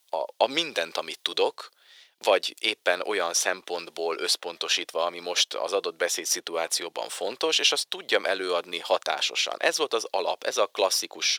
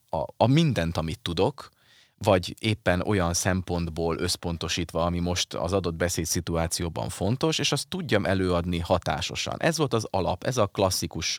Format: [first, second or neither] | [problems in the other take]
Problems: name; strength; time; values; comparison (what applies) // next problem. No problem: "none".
second | thin; very; fading below 400 Hz